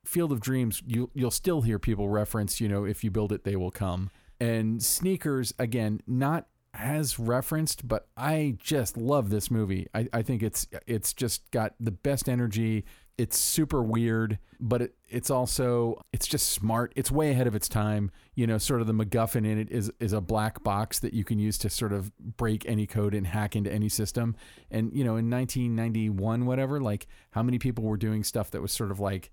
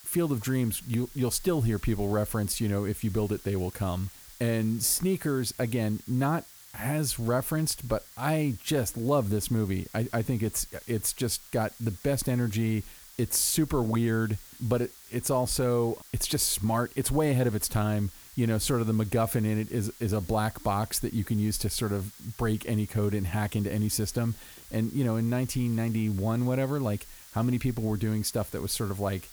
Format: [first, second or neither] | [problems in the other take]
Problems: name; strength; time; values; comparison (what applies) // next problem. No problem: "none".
first | hiss; noticeable; throughout; 20 dB below the speech